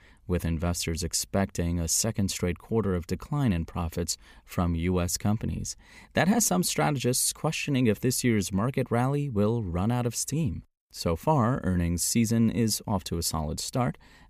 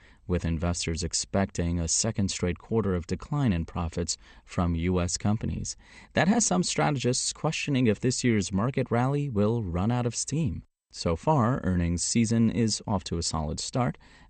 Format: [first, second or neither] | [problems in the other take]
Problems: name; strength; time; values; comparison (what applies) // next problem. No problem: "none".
first | garbled, watery; slightly; nothing above 8.5 kHz